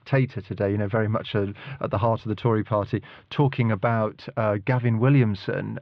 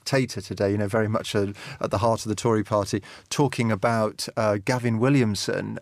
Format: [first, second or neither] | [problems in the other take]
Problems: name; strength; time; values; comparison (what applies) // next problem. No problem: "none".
second | muffled; very; fading above 3.5 kHz